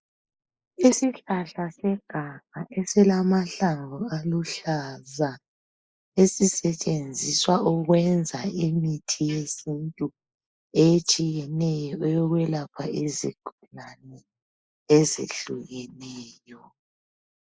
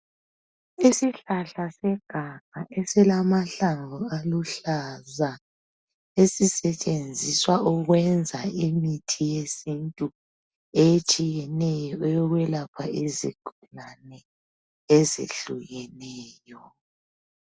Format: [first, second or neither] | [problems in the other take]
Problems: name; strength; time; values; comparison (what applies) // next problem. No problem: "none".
second | noise reduction (neural mask model Resemble Enhance denoiser)